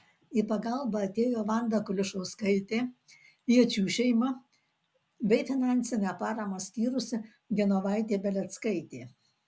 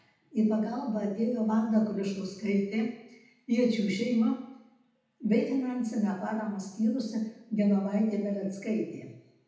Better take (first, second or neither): first